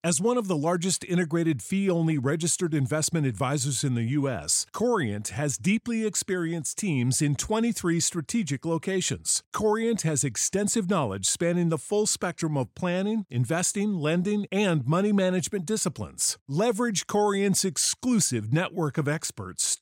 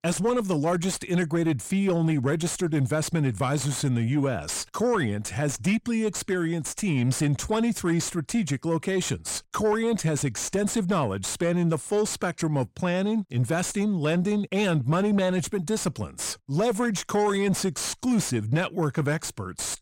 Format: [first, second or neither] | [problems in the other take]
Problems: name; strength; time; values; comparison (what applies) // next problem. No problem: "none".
first | distortion; slight; 10 dB below the speech